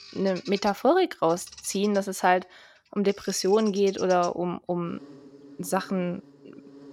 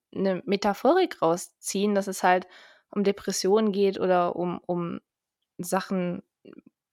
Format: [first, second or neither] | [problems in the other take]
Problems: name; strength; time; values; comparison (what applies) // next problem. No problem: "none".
second | animal sounds; noticeable; throughout; 20 dB below the speech